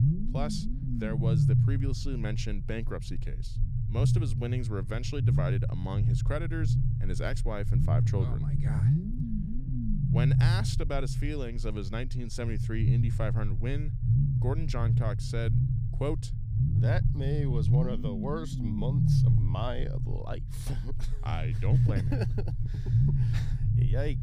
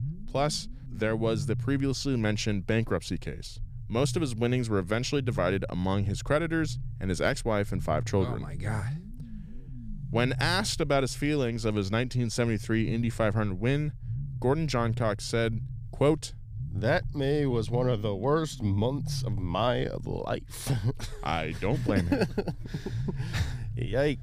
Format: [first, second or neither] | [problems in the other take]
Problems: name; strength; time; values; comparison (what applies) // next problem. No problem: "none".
second | low rumble; loud; throughout; 1 dB below the speech; faint in the second